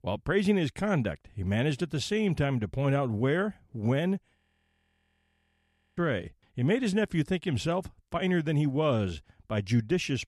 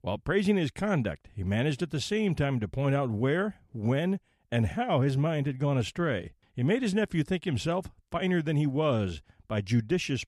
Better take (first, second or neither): second